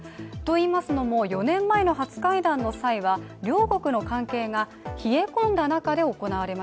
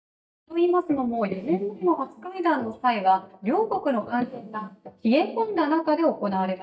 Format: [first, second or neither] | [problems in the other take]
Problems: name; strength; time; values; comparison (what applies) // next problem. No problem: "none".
first | noise reduction (neural mask model DeepFilterNet 3)